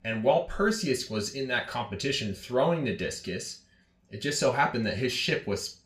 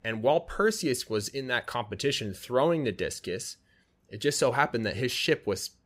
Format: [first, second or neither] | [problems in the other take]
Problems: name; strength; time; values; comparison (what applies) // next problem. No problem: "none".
second | room echo; slight; dies away in 0.3 s // off-mic speech; somewhat distant